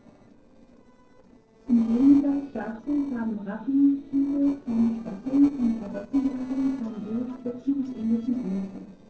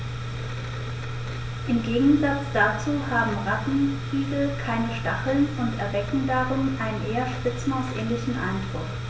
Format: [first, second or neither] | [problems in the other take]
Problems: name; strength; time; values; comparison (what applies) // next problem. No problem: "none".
second | noise reduction (neural separator model SepFormer DNS4)